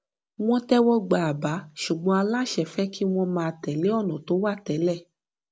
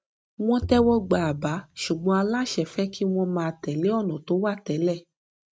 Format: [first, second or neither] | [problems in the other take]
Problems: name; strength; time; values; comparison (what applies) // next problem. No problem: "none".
first | noise reduction (neural mask model RNNoise)